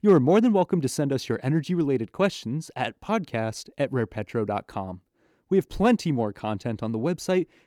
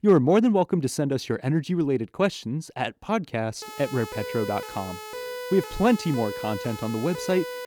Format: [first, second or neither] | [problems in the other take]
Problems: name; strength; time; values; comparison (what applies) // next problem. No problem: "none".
first | siren; noticeable; from 3.5 s on; peak 8 dB below the speech